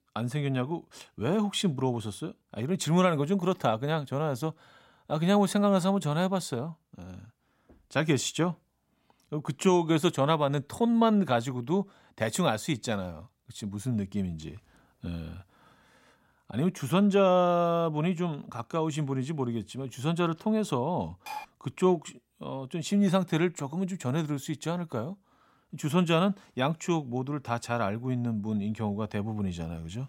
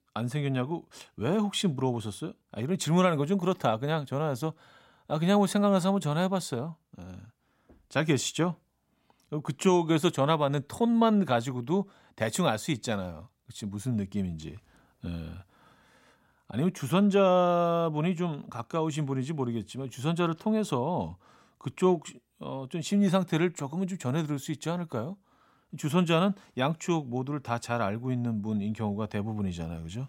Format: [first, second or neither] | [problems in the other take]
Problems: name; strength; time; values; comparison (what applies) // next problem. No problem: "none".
second | clattering dishes; faint; at 21 s; peak 10 dB below the speech